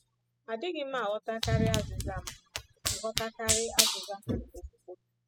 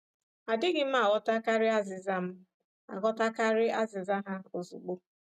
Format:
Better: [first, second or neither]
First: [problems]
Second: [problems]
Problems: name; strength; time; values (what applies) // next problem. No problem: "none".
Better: second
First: noise reduction (classical method spectral subtraction)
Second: none